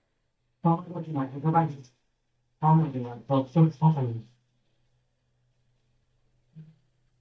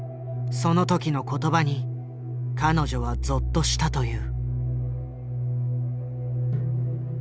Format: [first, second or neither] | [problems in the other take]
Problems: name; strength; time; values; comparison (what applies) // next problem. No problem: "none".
second | noise reduction (neural mask model DeepFilterNet 3)